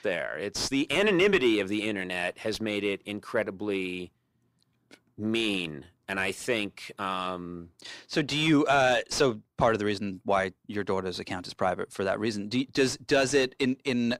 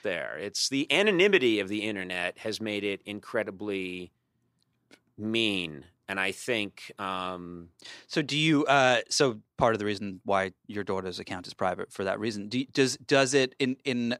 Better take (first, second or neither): second